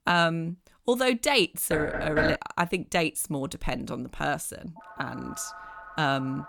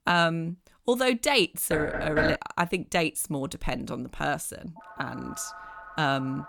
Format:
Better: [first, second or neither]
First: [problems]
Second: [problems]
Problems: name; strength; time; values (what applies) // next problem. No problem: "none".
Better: neither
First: door banging; loud; at 1.5 s; peak 1 dB above the speech // phone ringing; faint; from 5 s on; peak 15 dB below the speech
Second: door banging; loud; at 1.5 s; peak 1 dB above the speech // phone ringing; faint; from 5 s on; peak 15 dB below the speech